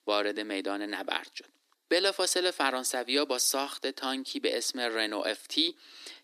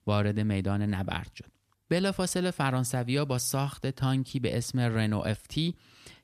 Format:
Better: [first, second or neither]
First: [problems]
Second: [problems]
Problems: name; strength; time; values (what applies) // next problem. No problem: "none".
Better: second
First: thin; somewhat; fading below 300 Hz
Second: none